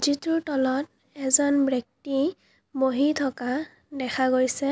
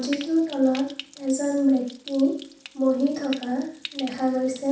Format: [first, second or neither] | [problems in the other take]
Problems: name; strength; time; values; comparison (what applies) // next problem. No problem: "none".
first | background sound (Stream); 18 dB below the speech // room echo; dies away in 0.7 s